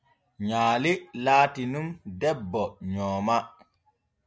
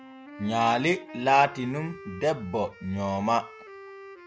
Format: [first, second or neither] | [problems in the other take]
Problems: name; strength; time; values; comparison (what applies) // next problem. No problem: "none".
first | background sound (Wind instrument, woodwind instrument); 18 dB below the speech